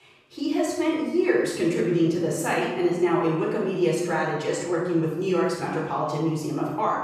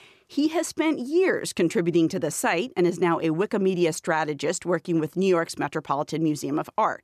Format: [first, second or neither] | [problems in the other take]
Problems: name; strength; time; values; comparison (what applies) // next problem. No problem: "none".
second | off-mic speech; far // room echo; noticeable; dies away in 1 s